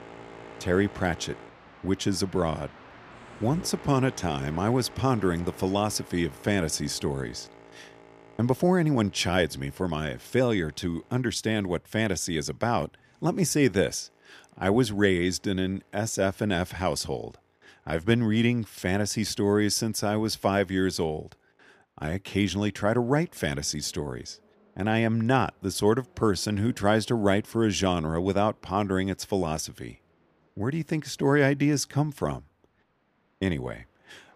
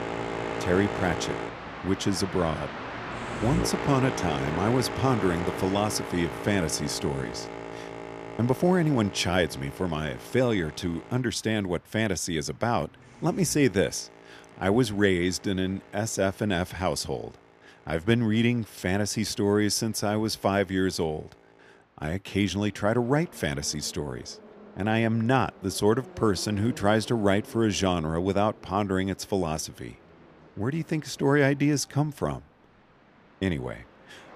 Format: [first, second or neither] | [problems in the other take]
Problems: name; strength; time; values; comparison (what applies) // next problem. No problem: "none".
first | train or aircraft noise; loud; throughout; 9 dB below the speech; faint in the first